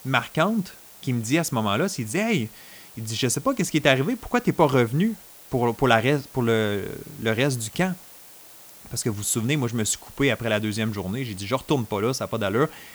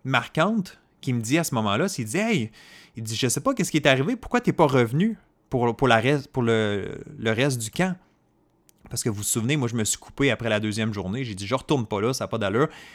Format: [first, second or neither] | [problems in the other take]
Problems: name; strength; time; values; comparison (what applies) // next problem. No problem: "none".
second | hiss; noticeable; throughout; 20 dB below the speech